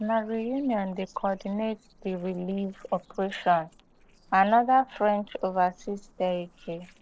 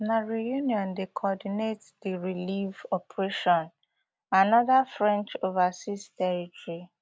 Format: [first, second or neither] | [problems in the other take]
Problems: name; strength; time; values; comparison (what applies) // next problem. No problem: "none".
second | noise reduction (neural separator model SepFormer DNS4)